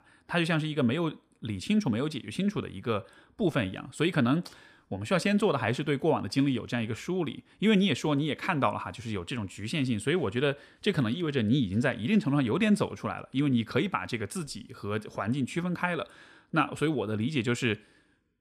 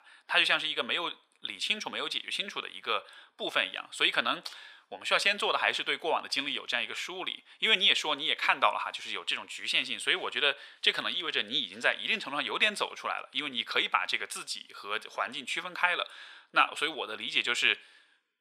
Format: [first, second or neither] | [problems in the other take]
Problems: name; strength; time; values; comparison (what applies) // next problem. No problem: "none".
first | thin; very; fading below 800 Hz